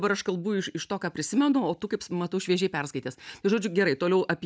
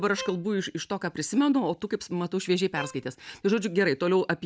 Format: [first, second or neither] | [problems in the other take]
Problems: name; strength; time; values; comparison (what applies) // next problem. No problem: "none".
first | background sound (Bowed string instrument); 19 dB below the speech